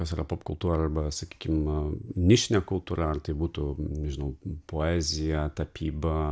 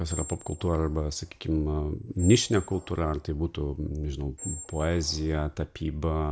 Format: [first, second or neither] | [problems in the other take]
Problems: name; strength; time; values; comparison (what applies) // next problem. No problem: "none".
first | background sound (Squeak); 16 dB below the speech